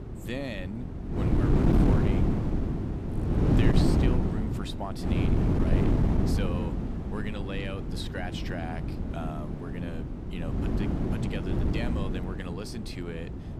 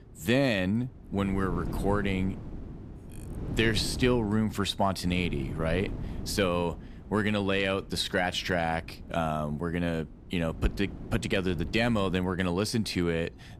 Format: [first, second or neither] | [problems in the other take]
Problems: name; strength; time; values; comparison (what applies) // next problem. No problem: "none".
second | wind noise on the microphone; heavy; 4 dB above the speech; occasional gusts in the second